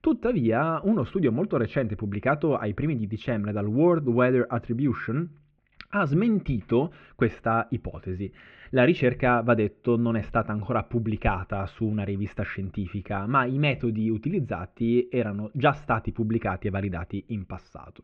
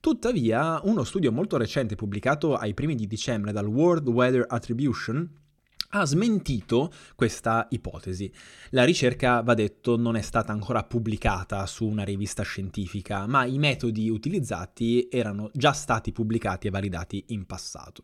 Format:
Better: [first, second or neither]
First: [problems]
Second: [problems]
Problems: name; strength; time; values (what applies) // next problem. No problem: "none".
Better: second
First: muffled; very; fading above 2.5 kHz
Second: none